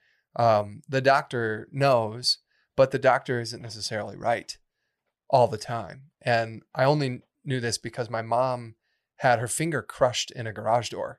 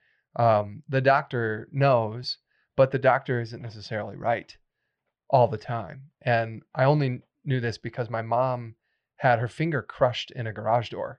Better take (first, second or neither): first